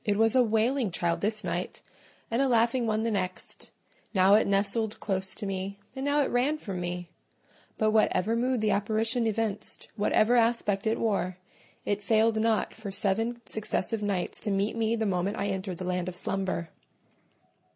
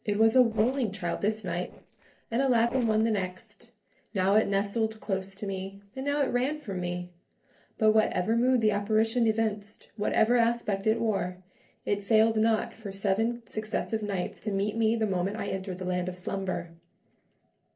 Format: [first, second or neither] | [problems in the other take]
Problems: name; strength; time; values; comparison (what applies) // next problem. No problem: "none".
first | noise reduction (neural separator model SepFormer DNS4)